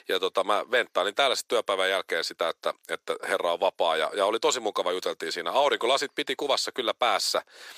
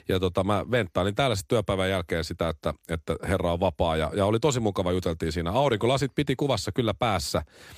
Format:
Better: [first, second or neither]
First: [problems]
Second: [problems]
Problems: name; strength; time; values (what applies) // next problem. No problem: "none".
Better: second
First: thin; very; fading below 450 Hz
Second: none